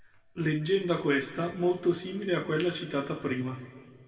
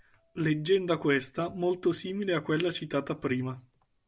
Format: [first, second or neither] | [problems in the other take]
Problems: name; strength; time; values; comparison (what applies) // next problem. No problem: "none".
second | room echo; dies away in 1.7 s